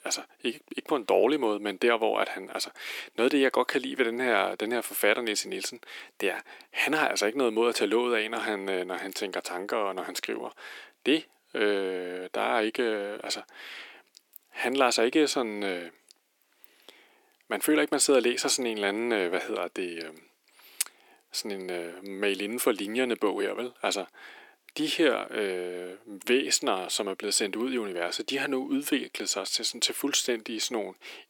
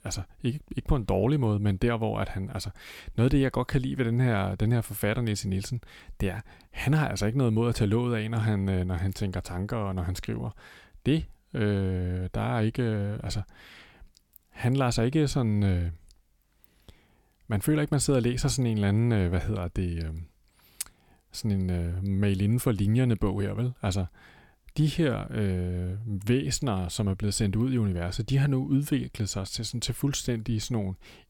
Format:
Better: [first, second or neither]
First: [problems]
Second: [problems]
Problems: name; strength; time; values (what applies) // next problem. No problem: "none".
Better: second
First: thin; very; fading below 300 Hz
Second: none